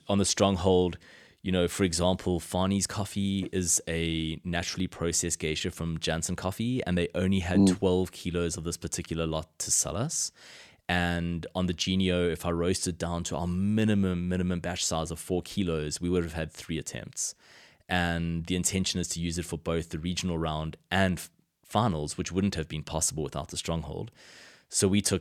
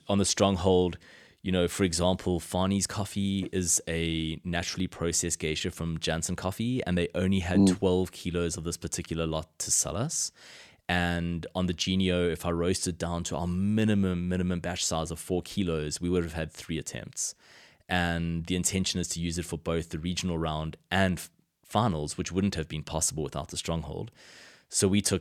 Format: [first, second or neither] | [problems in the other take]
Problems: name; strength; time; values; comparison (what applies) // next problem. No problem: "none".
neither | none